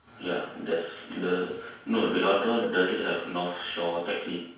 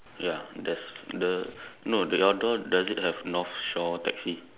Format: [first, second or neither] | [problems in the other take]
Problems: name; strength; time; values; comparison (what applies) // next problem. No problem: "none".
second | background sound (Cowbell); 14 dB below the speech // room echo; dies away in 0.5 s